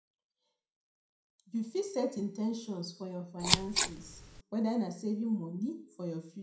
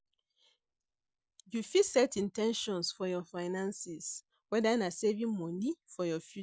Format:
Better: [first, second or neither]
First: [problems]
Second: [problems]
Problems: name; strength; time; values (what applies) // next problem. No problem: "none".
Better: second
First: background sound (Scissors); 4 dB above the speech // room echo; dies away in 0.5 s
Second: none